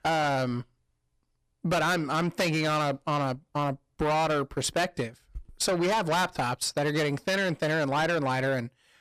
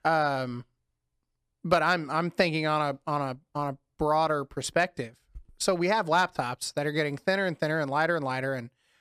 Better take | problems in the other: second | distortion; heavy; 6 dB below the speech

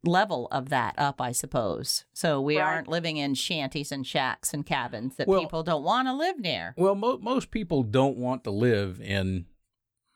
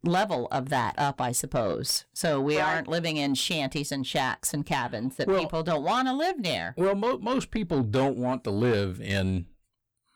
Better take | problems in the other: first | distortion; slight; 10 dB below the speech

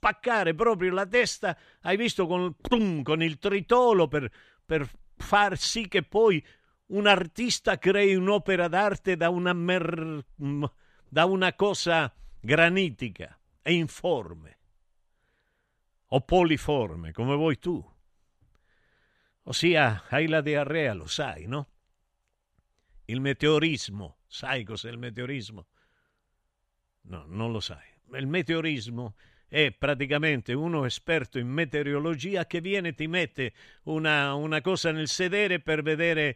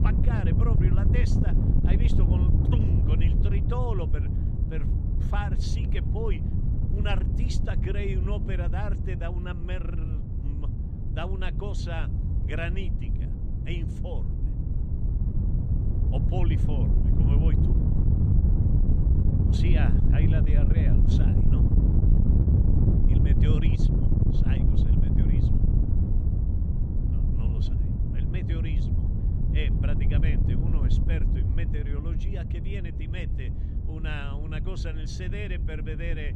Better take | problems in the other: first | wind noise on the microphone; heavy; as loud as the speech

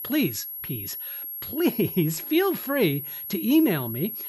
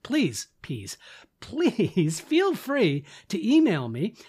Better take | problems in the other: second | high-pitched whine; loud; throughout; 11.5 kHz, 7 dB below the speech

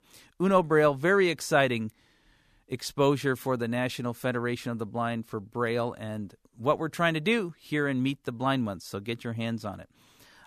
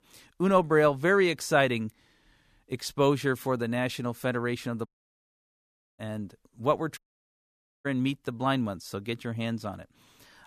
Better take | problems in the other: first | audio cutting out; at 5 s for 1 s and at 7 s for 1 s

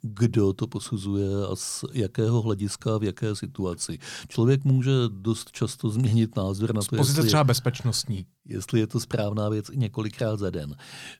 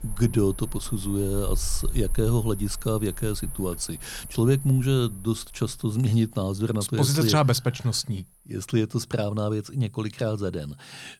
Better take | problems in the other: first | animal sounds; noticeable; throughout; 10 dB below the speech

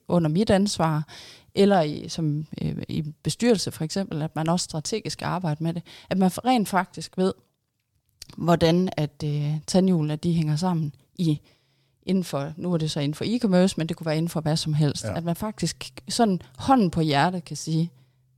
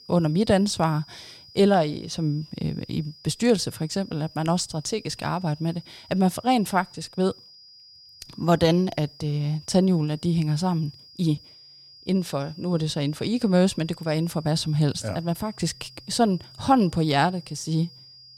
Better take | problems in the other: first | high-pitched whine; faint; throughout; 5 kHz, 20 dB below the speech

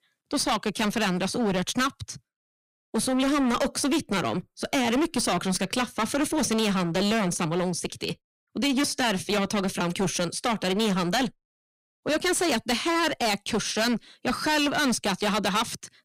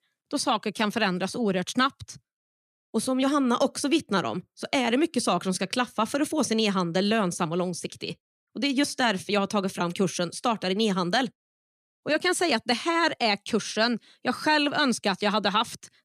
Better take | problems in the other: second | distortion; heavy; 19% of the sound clipped

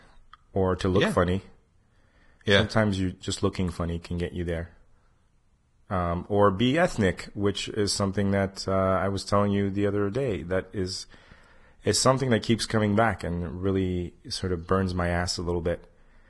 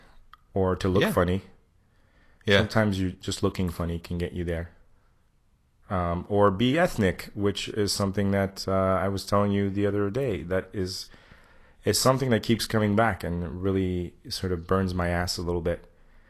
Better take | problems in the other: second | garbled, watery; badly; nothing above 11 kHz; slightly in the second

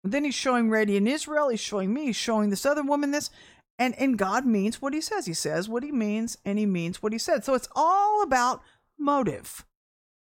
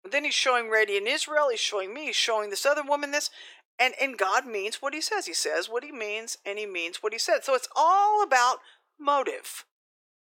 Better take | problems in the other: first | thin; very; fading below 350 Hz

